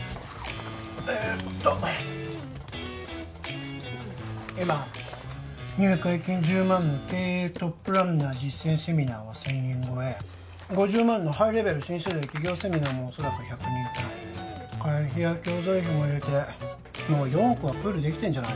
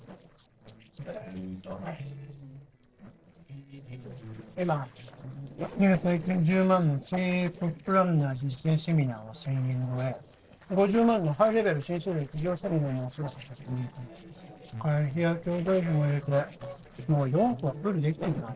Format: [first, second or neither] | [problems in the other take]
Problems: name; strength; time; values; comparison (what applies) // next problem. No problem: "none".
first | noise reduction (neural separator model SepFormer DNS4)